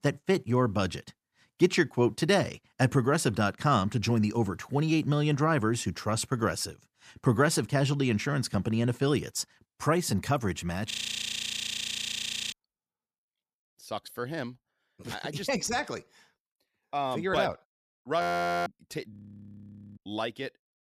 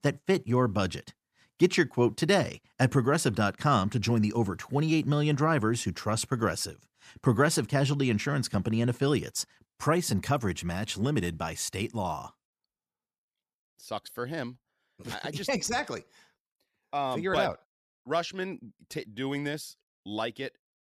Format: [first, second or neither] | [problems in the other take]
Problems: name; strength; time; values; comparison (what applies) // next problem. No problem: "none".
second | audio freezing; at 11 s for 1.5 s, at 18 s and at 19 s for 1 s